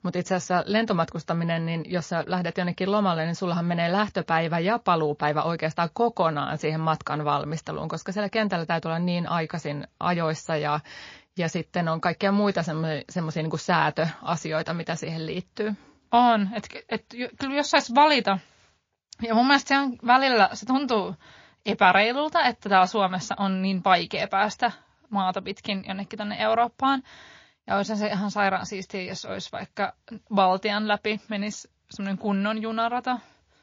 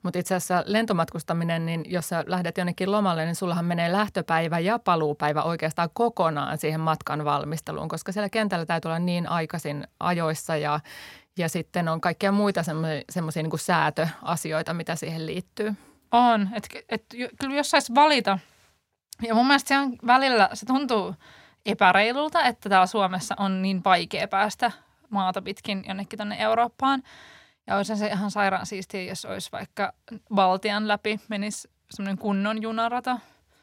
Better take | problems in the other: second | garbled, watery; slightly

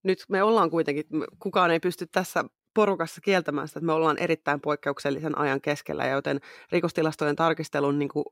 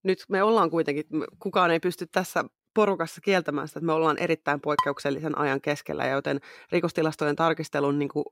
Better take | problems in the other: first | clattering dishes; noticeable; at 5 s; peak 3 dB below the speech

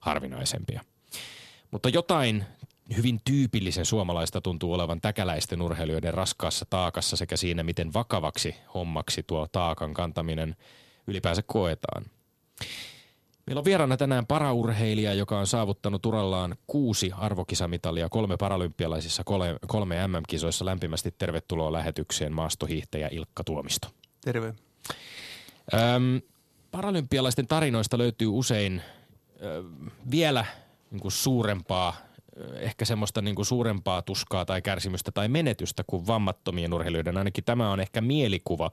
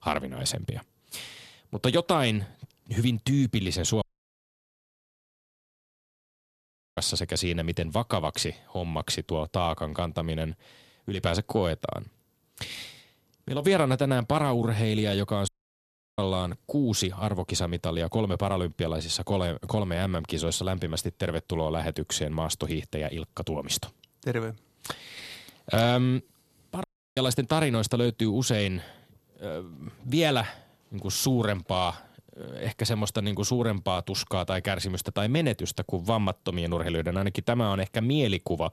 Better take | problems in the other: first | audio cutting out; at 4 s for 3 s, at 15 s for 0.5 s and at 27 s

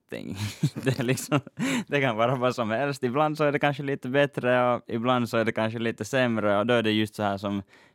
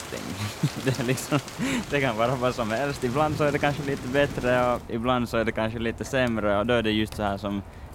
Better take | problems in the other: first | rain or running water; noticeable; throughout; 10 dB below the speech

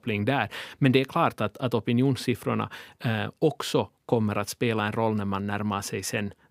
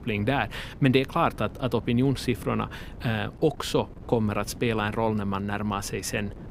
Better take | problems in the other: first | wind noise on the microphone; occasional gusts; 20 dB below the speech

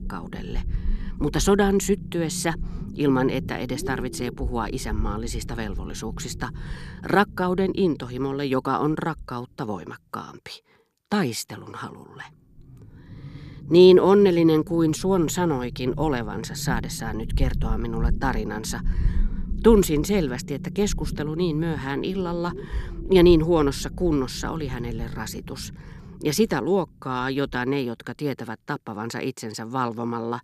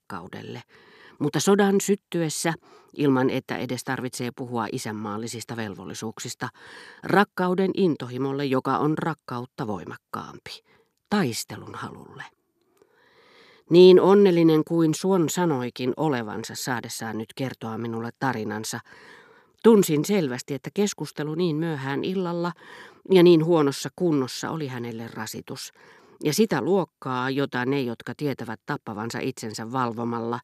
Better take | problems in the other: second | low rumble; noticeable; throughout; 20 dB below the speech

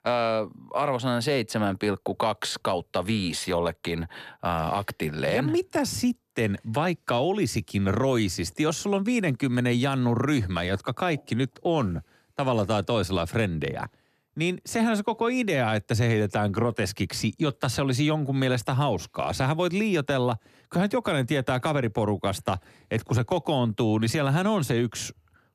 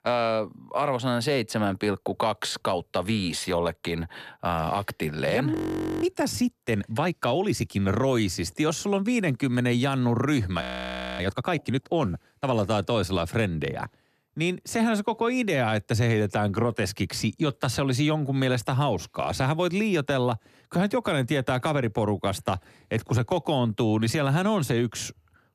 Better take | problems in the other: first | audio freezing; at 5.5 s and at 11 s for 0.5 s

